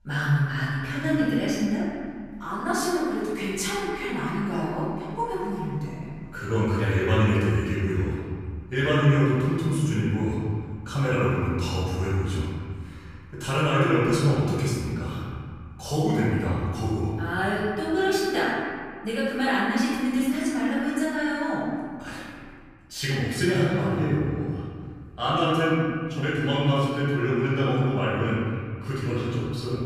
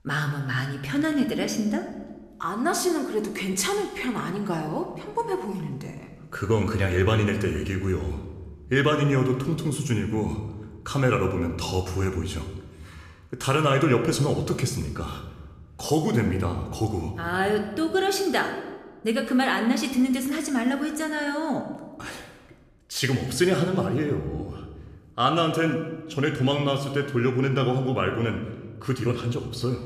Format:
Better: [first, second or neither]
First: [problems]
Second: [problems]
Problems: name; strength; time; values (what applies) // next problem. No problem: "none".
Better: second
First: room echo; strong; dies away in 2 s // off-mic speech; far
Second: room echo; slight; dies away in 1 s